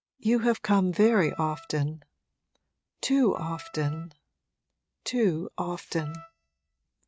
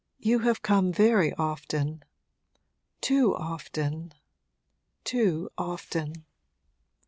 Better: second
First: noise reduction (neural mask model RNNoise)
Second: none

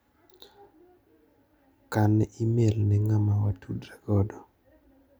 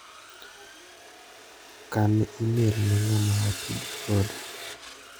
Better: first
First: none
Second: background sound (Sawing); 12 dB below the speech

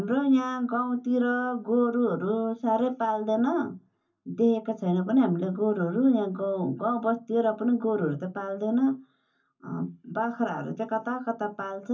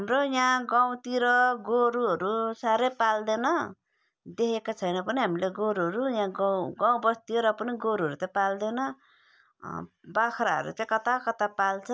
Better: second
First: room echo; dies away in 0.3 s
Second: none

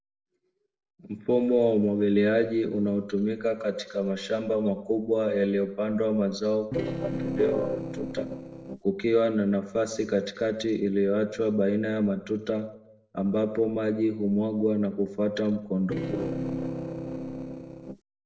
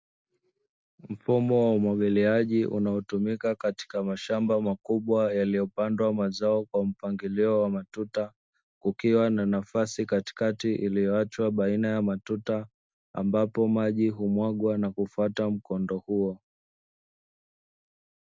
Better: second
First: noise reduction (neural separator model SepFormer DNS4)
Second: none

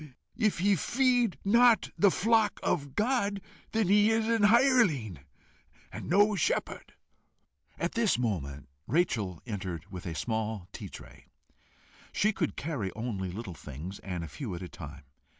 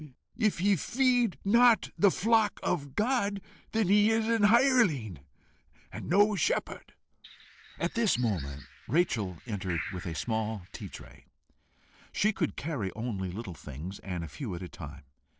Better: first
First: none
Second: noise reduction (neural separator model SepFormer DNS4)

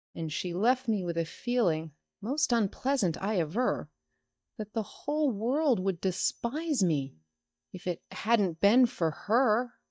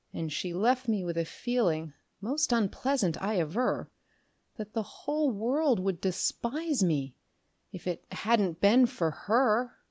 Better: second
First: noise reduction (neural mask model DeepFilterNet 3)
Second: none

